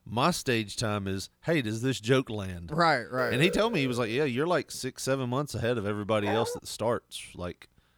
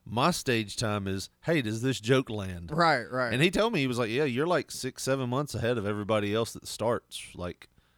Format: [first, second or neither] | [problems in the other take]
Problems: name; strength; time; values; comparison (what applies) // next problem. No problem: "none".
second | alarm; noticeable; from 3 to 4 s; peak 6 dB below the speech // dog barking; noticeable; at 6 s; peak 5 dB below the speech